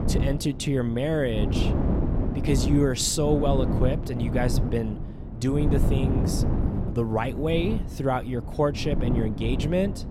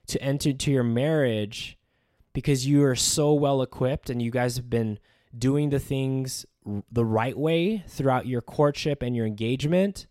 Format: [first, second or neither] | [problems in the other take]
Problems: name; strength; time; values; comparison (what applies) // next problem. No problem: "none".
second | wind noise on the microphone; heavy; 7 dB below the speech